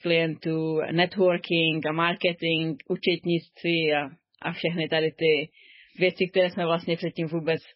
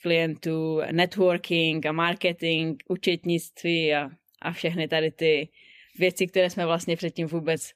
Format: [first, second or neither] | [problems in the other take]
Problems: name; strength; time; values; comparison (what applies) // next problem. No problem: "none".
second | garbled, watery; badly